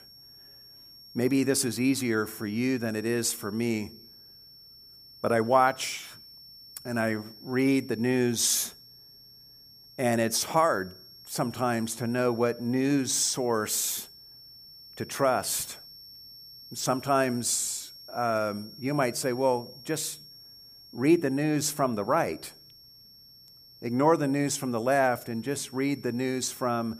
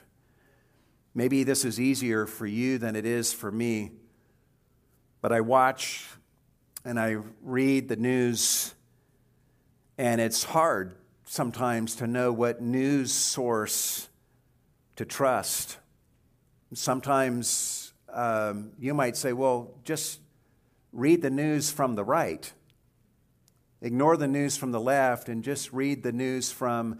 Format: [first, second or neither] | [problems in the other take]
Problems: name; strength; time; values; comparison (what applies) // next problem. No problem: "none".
second | high-pitched whine; faint; throughout; 5.5 kHz, 20 dB below the speech